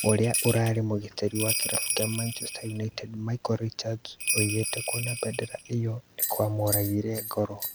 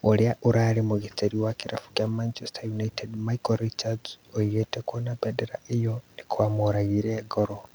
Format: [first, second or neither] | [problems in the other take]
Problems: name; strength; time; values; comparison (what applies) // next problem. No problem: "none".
second | background sound (Bell); 5 dB below the speech